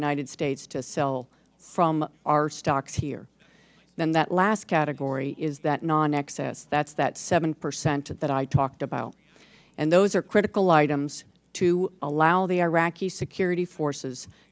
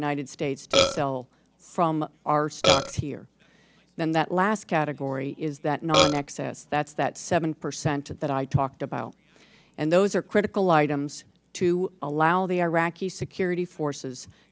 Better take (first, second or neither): first